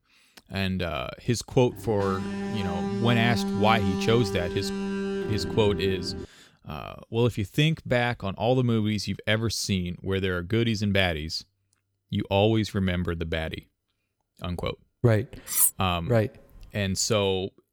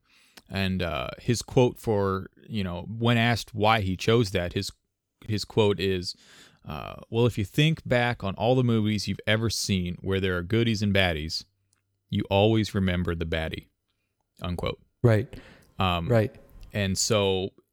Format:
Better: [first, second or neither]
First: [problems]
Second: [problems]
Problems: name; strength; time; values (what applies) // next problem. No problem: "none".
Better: second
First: alarm; noticeable; from 1.5 to 6.5 s; peak 1 dB below the speech // clattering dishes; loud; at 16 s; peak 5 dB above the speech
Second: none